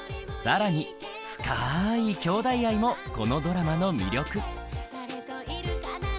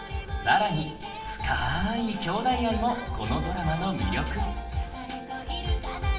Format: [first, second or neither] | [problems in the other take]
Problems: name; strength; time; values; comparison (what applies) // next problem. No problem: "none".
first | background sound (Engine); 17 dB below the speech // room echo; dies away in 0.6 s